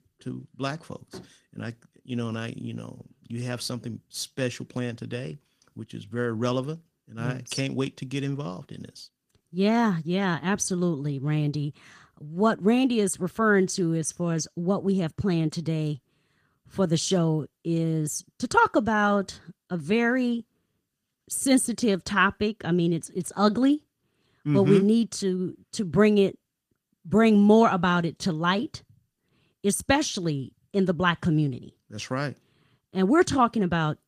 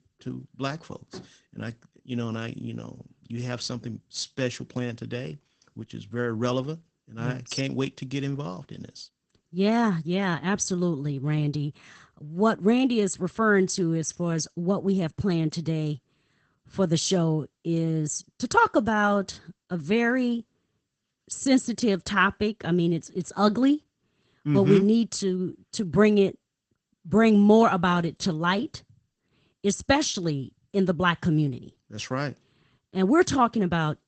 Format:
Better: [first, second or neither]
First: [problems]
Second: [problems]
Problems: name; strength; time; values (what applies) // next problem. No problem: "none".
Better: first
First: garbled, watery; slightly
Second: garbled, watery; badly; nothing above 8 kHz